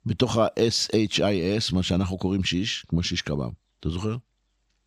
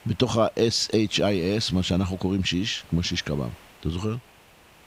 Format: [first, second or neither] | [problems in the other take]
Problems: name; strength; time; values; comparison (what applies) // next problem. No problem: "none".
first | hiss; faint; throughout; 25 dB below the speech